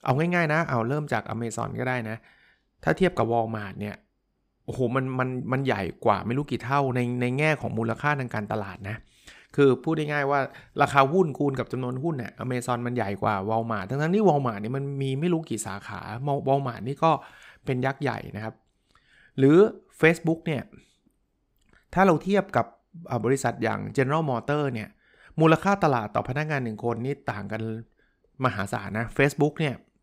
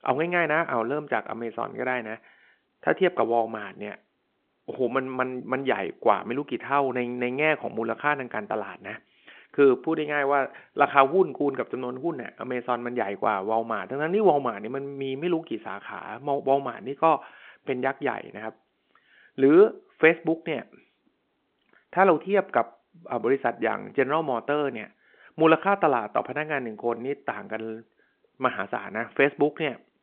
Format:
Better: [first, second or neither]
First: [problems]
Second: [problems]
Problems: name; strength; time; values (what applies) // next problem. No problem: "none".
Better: first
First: none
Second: phone-call audio